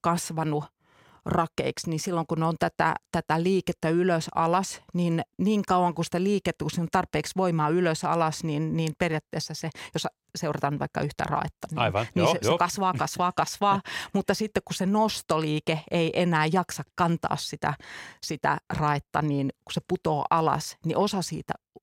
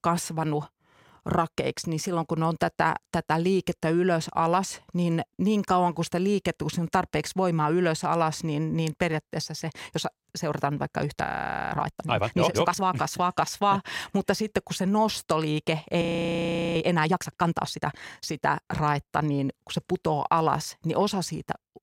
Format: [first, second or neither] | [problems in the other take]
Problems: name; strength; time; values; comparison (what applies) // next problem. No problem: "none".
first | audio freezing; at 11 s and at 16 s for 0.5 s